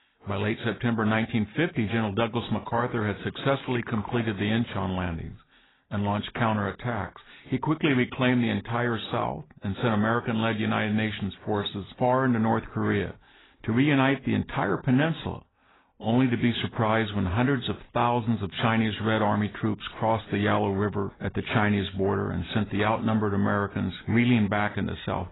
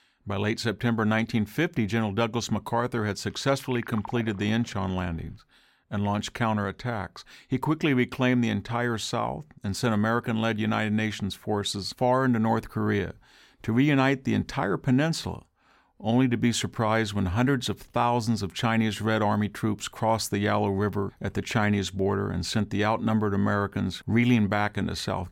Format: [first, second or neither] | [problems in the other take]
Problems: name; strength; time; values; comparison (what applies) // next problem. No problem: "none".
second | garbled, watery; badly; nothing above 4 kHz